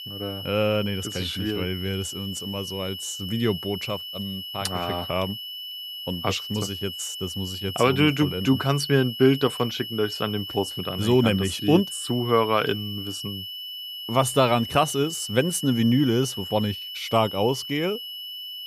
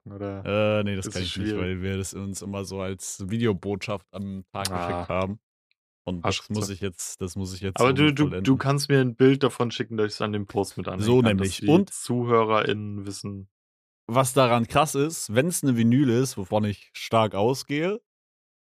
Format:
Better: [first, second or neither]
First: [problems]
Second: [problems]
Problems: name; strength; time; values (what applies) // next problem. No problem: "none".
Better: second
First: high-pitched whine; loud; throughout; 3 kHz, 8 dB below the speech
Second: none